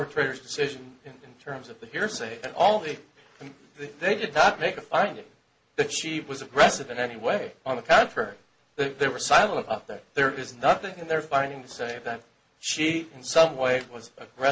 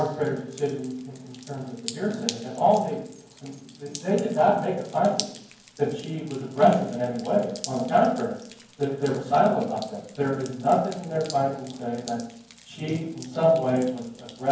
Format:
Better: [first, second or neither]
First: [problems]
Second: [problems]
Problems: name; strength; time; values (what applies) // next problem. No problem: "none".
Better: first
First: none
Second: background sound (Drip); 18 dB below the speech // room echo; dies away in 0.9 s